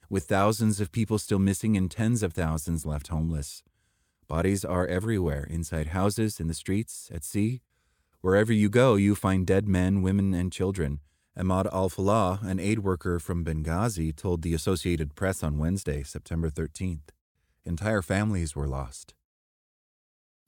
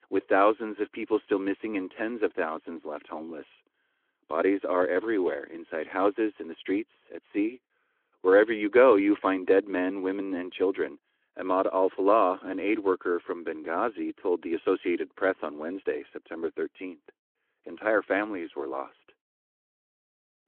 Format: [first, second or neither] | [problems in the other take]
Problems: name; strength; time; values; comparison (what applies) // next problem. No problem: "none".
first | phone-call audio